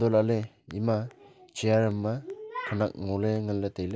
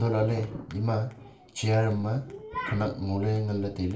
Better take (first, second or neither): first